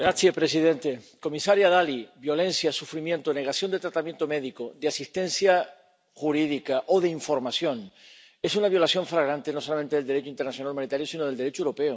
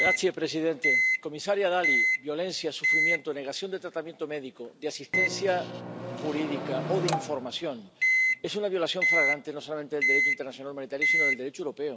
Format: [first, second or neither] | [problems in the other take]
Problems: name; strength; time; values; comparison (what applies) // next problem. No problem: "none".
first | background sound (Microwave oven); 3 dB above the speech